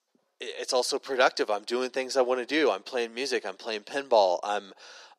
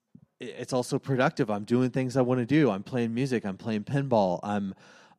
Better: second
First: thin; very; fading below 400 Hz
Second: none

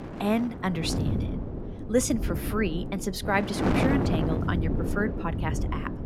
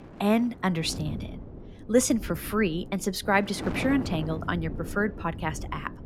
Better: second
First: wind noise on the microphone; heavy; 4 dB below the speech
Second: wind noise on the microphone; occasional gusts; 15 dB below the speech

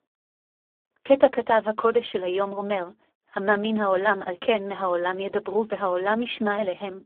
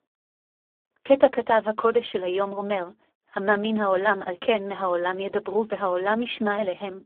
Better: neither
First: phone-call audio; poor line; nothing above 3.5 kHz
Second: phone-call audio; poor line; nothing above 3.5 kHz

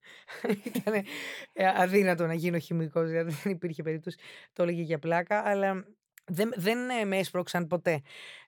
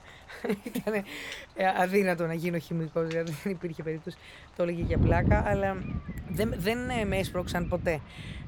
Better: first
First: none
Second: rain or running water; loud; throughout; 3 dB below the speech

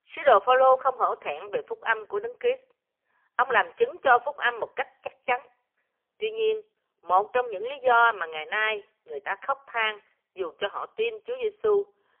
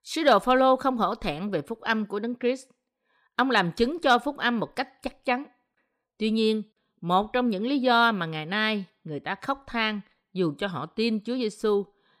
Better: second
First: phone-call audio; poor line; nothing above 3.5 kHz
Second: none

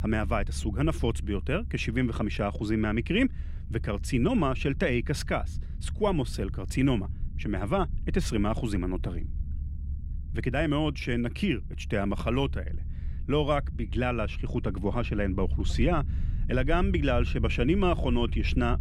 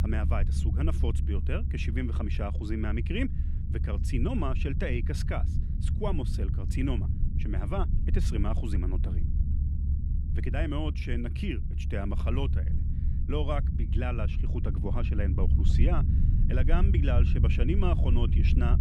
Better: first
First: low rumble; faint; throughout; 20 dB below the speech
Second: low rumble; loud; throughout; 7 dB below the speech

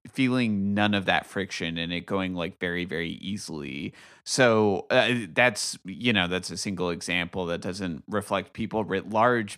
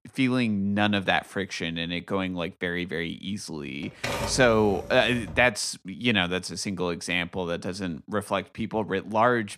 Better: first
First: none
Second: keyboard typing; noticeable; from 4 to 5.5 s; peak 4 dB below the speech

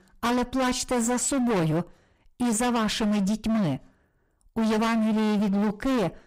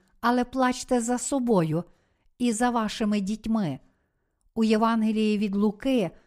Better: second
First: distortion; heavy; 34% of the sound clipped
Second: none

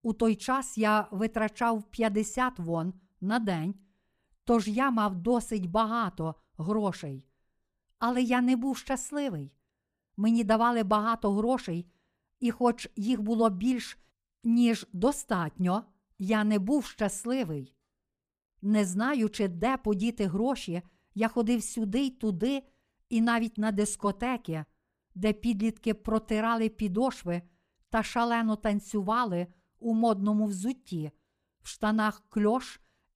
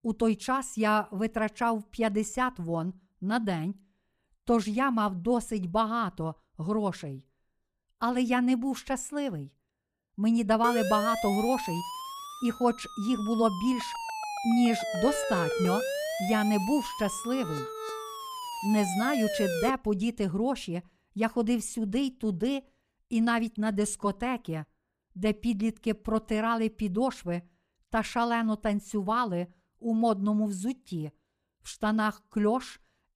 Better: first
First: none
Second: siren; noticeable; from 11 to 20 s; peak 1 dB below the speech

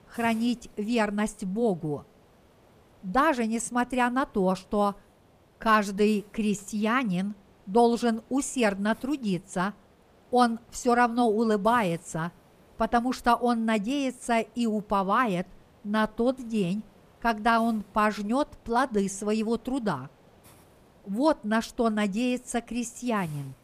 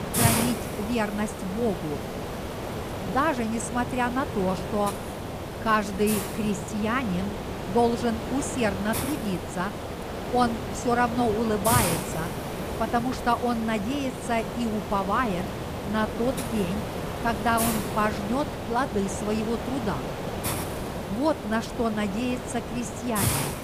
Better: first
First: hiss; faint; throughout; 30 dB below the speech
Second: hiss; loud; throughout; 3 dB below the speech

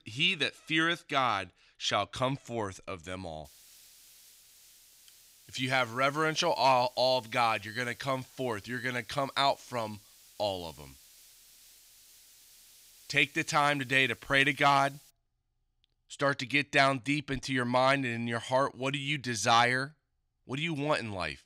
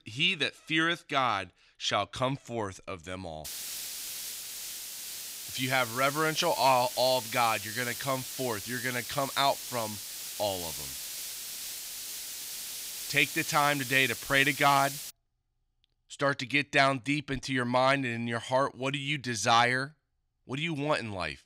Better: first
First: hiss; faint; from 3.5 to 15 s; 25 dB below the speech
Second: hiss; loud; from 3.5 to 15 s; 8 dB below the speech

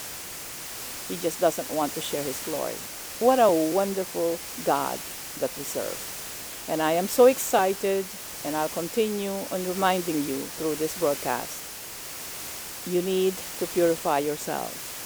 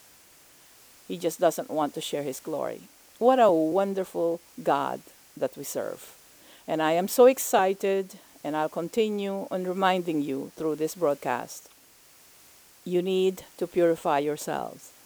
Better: second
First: hiss; loud; throughout; 8 dB below the speech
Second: hiss; faint; throughout; 25 dB below the speech

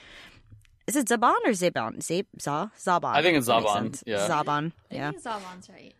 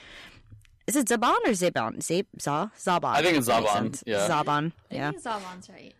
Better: first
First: none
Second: distortion; slight; 4% of the sound clipped

